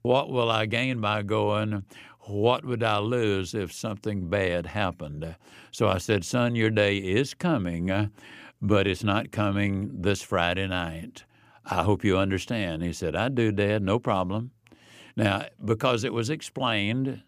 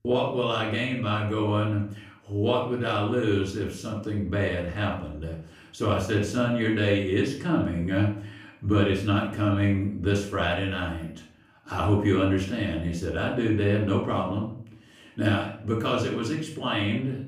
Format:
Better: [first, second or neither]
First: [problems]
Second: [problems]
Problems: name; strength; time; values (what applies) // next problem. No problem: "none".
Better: first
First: none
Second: off-mic speech; far // room echo; noticeable; dies away in 0.5 s